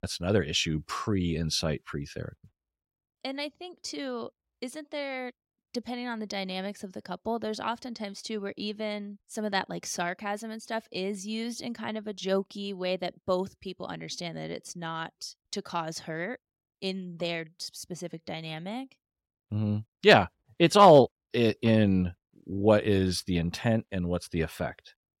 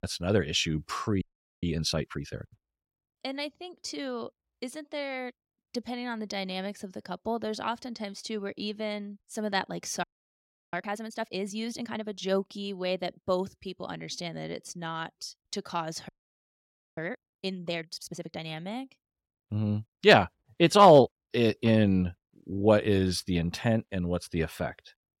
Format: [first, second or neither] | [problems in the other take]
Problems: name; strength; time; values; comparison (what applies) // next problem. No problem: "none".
first | audio freezing; at 1 s, at 10 s for 0.5 s and at 16 s for 1 s